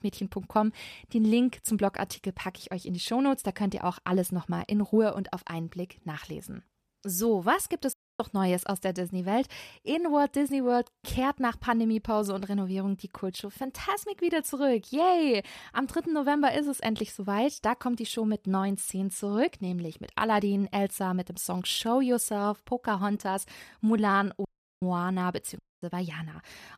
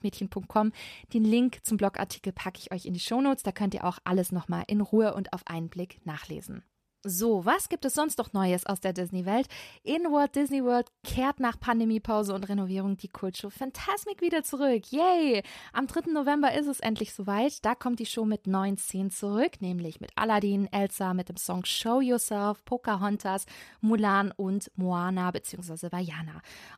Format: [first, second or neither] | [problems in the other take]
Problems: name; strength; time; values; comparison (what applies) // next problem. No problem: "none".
second | audio cutting out; at 8 s, at 24 s and at 26 s